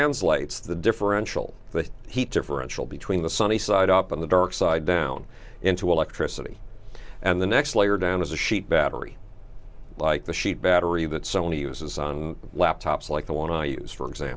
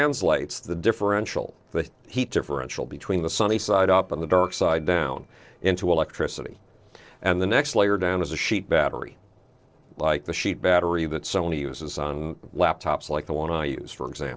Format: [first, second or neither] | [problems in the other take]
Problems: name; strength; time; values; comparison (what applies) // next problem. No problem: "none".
first | noise reduction (neural separator model SepFormer DNS4)